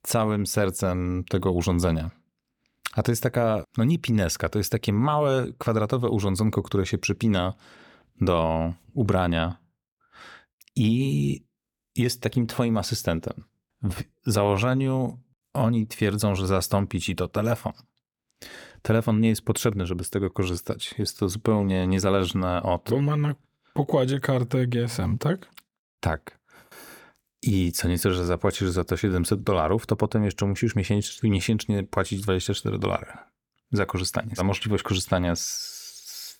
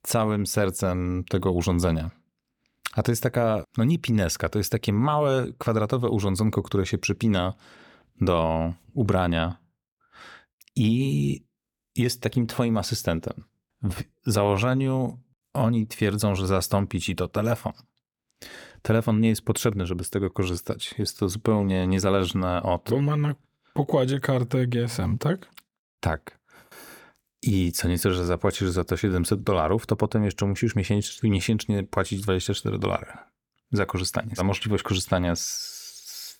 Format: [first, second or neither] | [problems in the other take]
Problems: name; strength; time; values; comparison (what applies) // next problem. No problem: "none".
neither | none